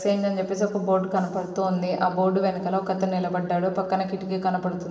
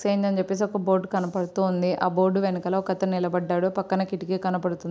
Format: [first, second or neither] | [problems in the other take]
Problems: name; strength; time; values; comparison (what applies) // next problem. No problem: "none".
second | room echo; dies away in 2 s